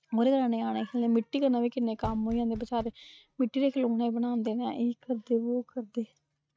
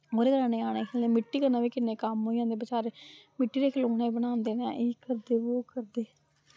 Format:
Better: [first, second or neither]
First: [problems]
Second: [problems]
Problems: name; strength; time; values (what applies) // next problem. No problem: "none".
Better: second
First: noise reduction (neural mask model RNNoise)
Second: none